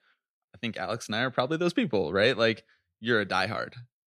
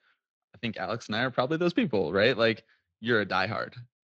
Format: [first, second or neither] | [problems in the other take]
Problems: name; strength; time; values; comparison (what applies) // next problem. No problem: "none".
first | garbled, watery; slightly